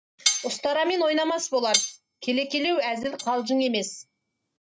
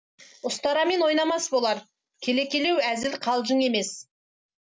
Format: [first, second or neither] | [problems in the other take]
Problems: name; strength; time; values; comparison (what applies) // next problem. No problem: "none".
second | noise reduction (neural mask model RNNoise)